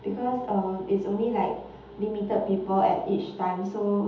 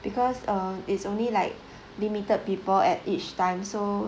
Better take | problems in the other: second | room echo; dies away in 0.8 s

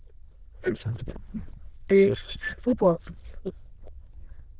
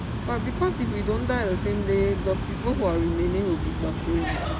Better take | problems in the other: second | noise reduction (neural diffusion model UNIVERSE++)

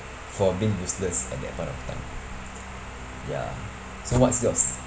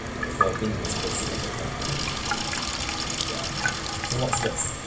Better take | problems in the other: first | background sound (Sink (filling or washing) / Water tap, faucet); 4 dB above the speech // room echo; dies away in 2.4 s

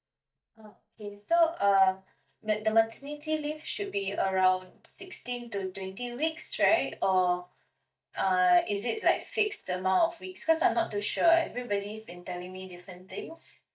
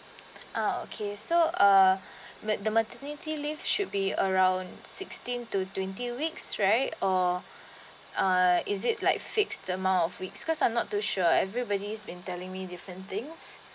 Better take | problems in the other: second | noise reduction (neural mask model DeepFilterNet 3)

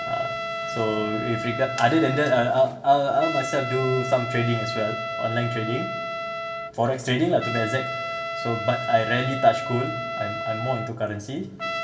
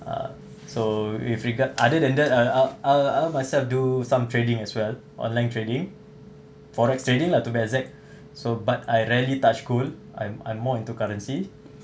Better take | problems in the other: second | background sound (Trumpet); 6 dB below the speech // room echo; dies away in 0.9 s

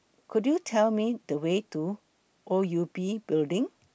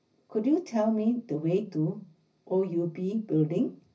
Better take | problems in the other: first | room echo; dies away in 0.4 s

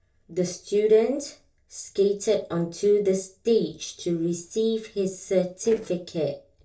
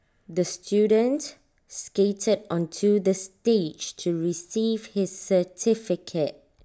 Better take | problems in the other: second | noise reduction (neural separator model SepFormer DNS4)

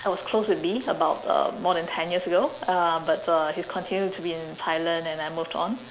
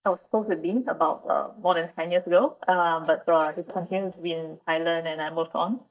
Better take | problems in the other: first | noise reduction (neural mask model DeepFilterNet 3)

